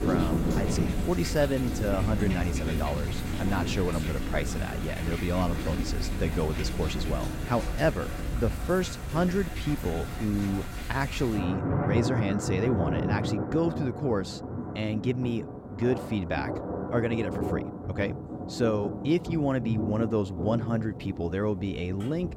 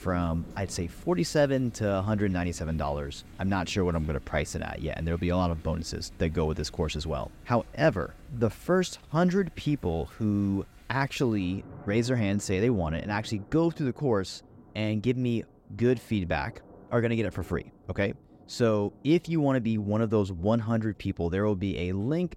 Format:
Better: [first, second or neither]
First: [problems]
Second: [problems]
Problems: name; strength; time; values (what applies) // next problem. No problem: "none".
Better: second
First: rain or running water; loud; throughout; 3 dB below the speech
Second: rain or running water; faint; throughout; 20 dB below the speech